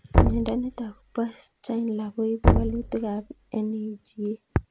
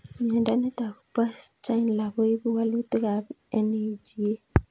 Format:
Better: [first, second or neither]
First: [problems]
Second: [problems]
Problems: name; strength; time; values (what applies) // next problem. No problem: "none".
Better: second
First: background sound (Knock); 2 dB above the speech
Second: none